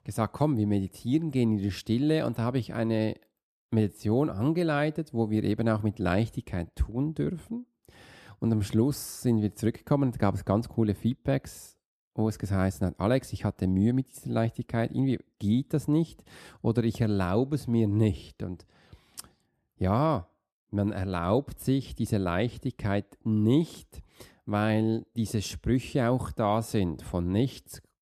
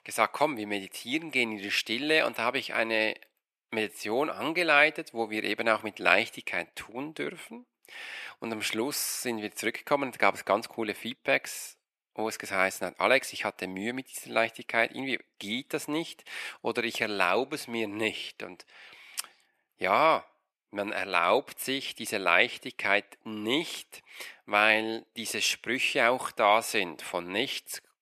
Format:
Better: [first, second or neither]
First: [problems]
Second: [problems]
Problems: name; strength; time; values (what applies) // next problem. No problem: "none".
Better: first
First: none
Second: thin; very; fading below 650 Hz